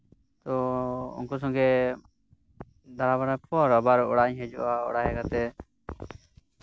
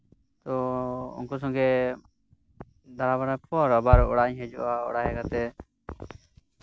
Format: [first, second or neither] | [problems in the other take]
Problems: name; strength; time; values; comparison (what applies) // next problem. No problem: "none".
first | background sound (Bass drum); as loud as the speech